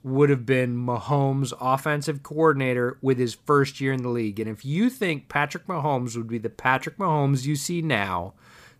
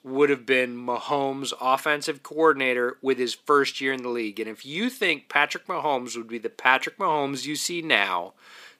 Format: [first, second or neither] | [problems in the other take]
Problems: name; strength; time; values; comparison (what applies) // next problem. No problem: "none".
first | thin; somewhat; fading below 300 Hz